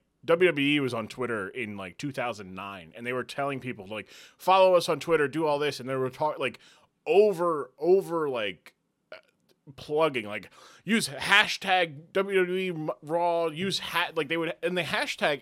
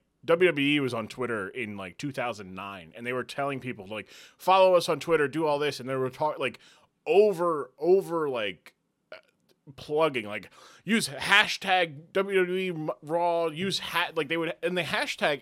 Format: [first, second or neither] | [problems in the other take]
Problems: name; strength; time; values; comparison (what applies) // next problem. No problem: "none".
neither | none